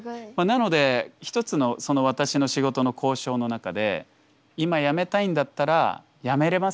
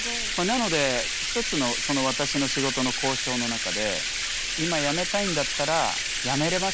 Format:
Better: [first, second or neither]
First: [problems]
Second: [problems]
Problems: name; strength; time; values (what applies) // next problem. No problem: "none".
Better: first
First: none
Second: background sound (Bathtub (filling or washing)); as loud as the speech